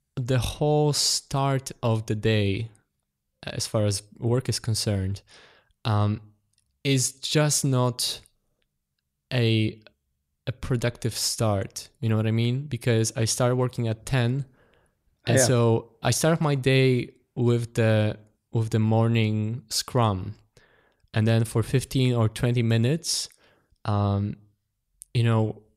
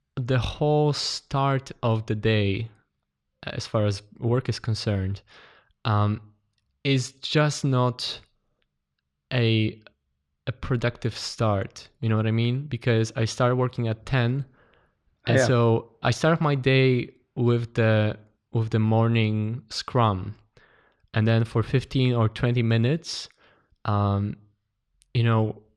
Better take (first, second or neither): first